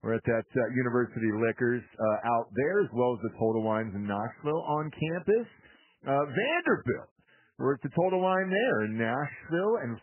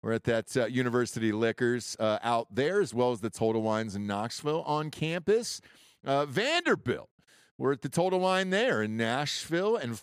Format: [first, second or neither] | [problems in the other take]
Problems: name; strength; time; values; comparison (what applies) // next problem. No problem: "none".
second | garbled, watery; badly; nothing above 3 kHz